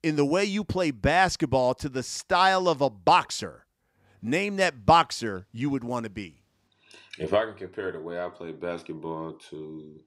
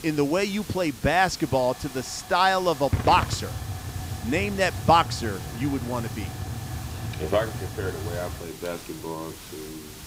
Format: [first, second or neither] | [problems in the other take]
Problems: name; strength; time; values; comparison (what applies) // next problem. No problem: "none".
first | hiss; loud; throughout; 9 dB below the speech